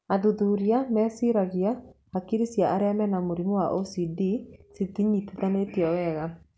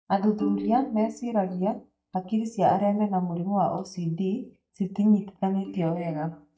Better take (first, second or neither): first